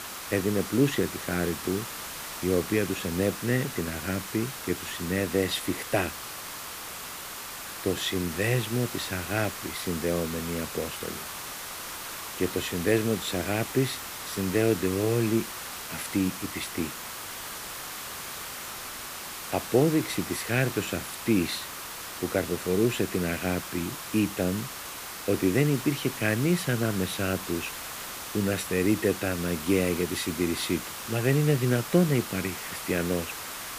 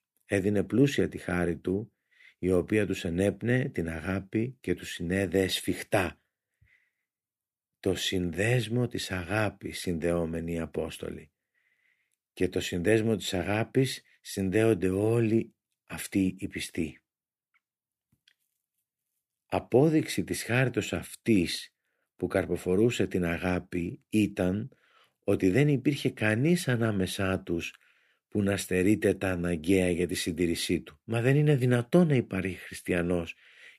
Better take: second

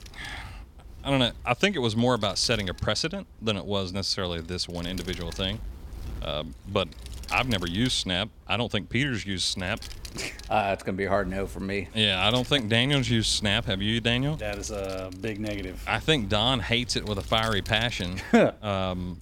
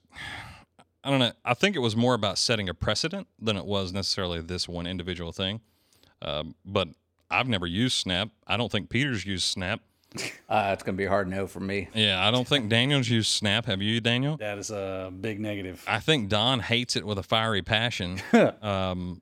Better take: second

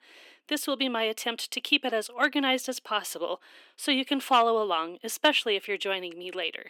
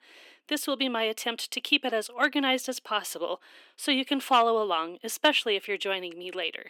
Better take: neither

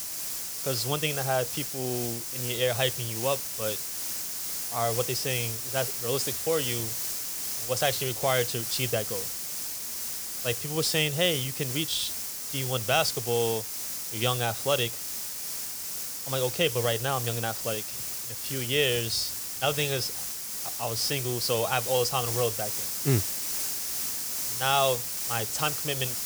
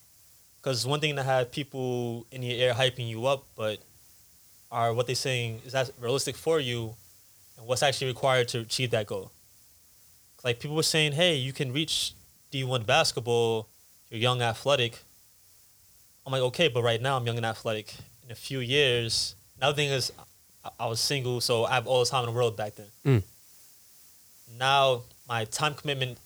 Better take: second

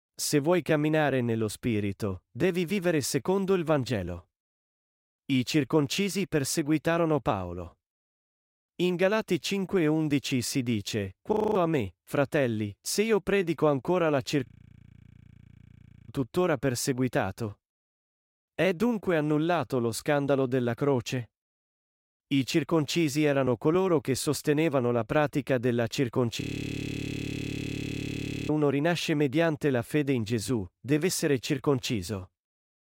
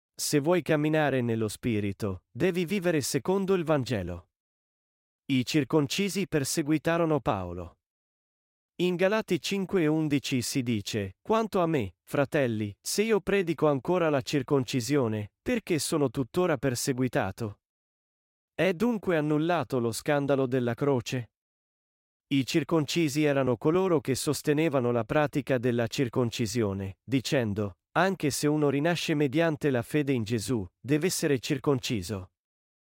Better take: second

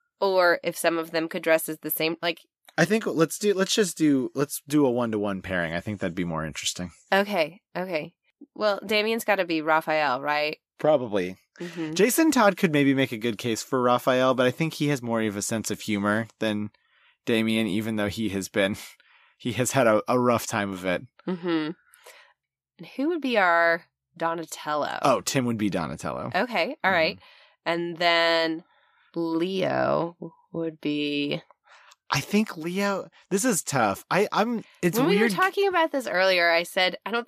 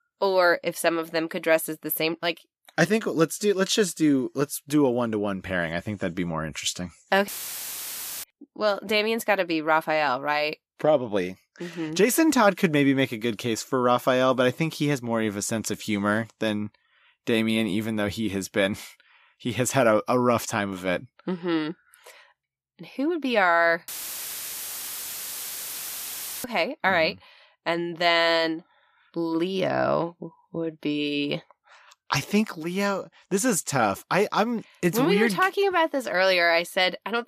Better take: first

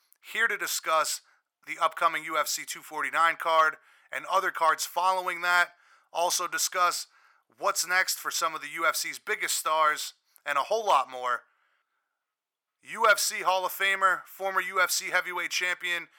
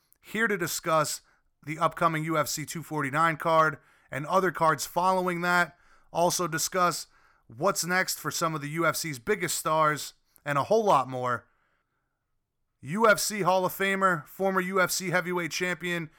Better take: second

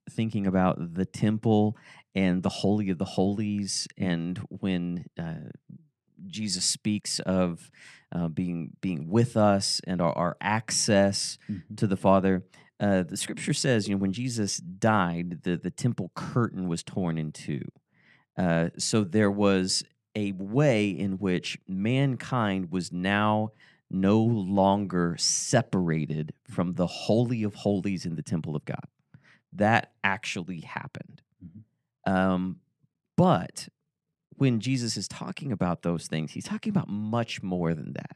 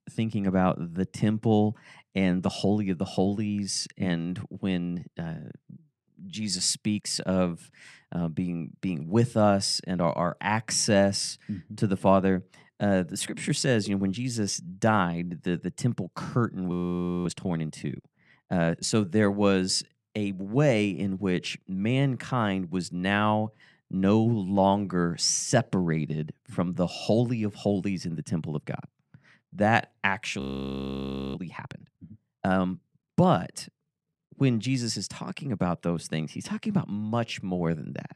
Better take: first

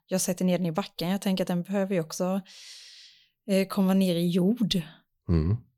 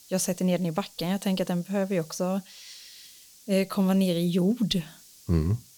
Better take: first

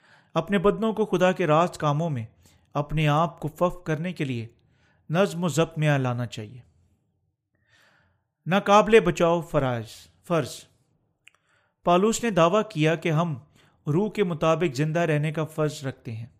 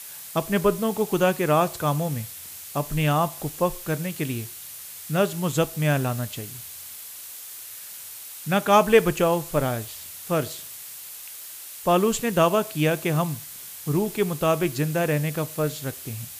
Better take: first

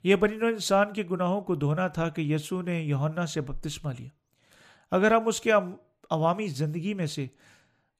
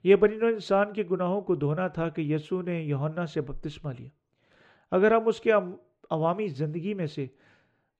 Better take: first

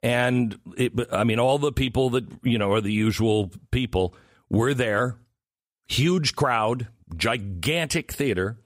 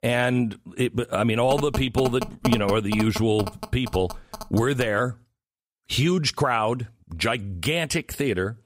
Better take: first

